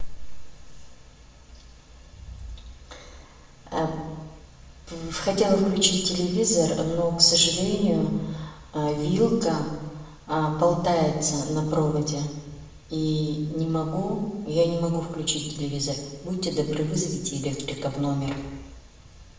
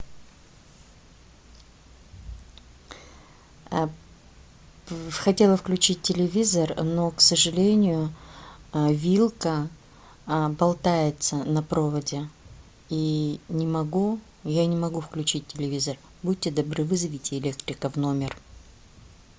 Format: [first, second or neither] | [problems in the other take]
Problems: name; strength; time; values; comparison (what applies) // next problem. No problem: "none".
second | room echo; dies away in 1 s